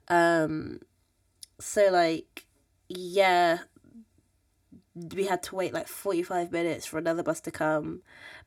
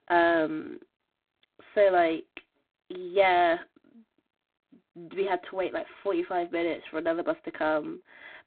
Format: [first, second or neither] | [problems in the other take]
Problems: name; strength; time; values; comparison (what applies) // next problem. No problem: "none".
first | phone-call audio; poor line; nothing above 4 kHz